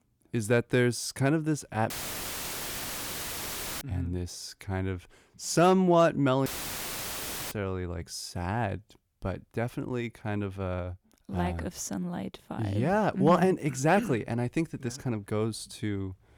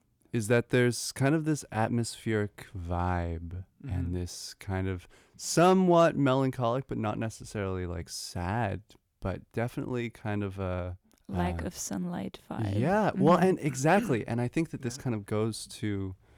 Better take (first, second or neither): second